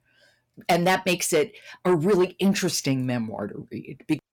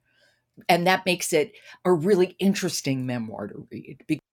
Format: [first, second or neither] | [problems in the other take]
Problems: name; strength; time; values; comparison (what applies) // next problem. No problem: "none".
second | distortion; slight; 10 dB below the speech